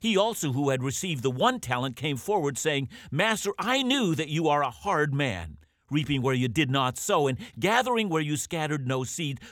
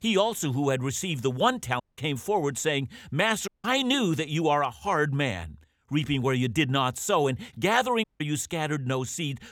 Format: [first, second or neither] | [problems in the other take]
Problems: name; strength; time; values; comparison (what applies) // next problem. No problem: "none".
first | audio cutting out; at 2 s, at 3.5 s and at 8 s